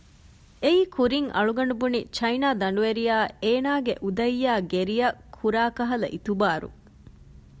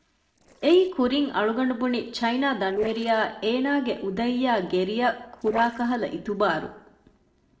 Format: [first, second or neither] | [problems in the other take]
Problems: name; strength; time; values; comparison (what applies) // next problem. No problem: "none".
first | noise reduction (neural separator model SepFormer DNS4)